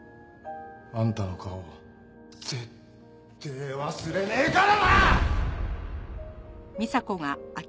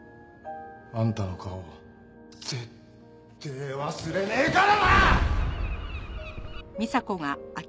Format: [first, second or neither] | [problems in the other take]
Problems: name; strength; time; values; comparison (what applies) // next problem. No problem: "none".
first | background sound (Bird); 14 dB below the speech